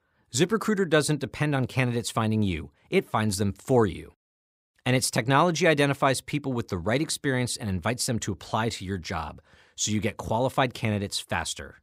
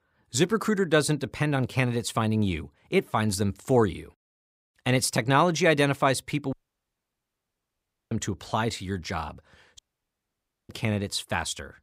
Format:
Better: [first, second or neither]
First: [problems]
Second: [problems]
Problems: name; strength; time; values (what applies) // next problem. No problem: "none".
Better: first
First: none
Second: audio cutting out; at 6.5 s for 1.5 s and at 10 s for 1 s